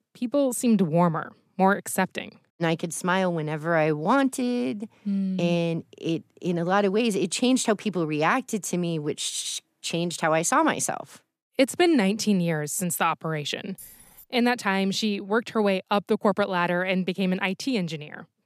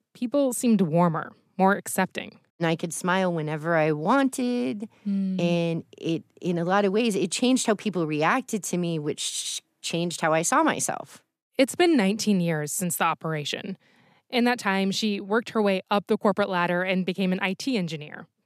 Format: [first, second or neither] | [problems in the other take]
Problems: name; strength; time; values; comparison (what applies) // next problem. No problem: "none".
second | jangling keys; faint; at 14 s; peak 20 dB below the speech